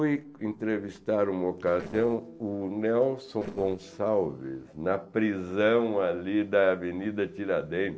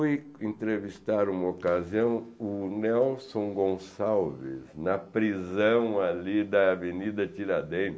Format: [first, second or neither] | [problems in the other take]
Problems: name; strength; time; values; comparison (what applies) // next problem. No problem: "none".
second | noise reduction (neural separator model SepFormer DNS4)